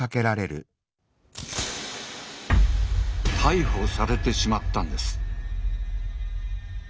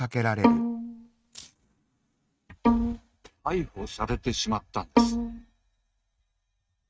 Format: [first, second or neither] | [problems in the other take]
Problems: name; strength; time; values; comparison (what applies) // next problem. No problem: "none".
first | noise reduction (neural mask model RNNoise)